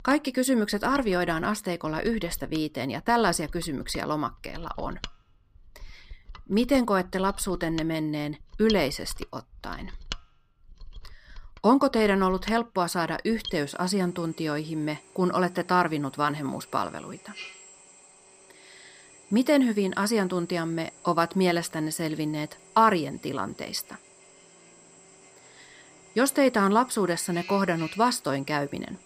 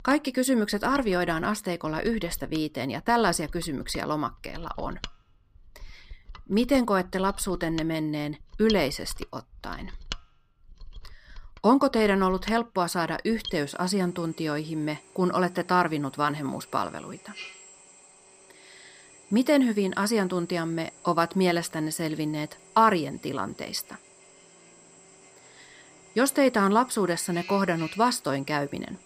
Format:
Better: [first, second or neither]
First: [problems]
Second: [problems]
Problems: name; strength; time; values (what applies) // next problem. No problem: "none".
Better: neither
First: machinery noise; noticeable; throughout; 20 dB below the speech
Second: machinery noise; noticeable; throughout; 20 dB below the speech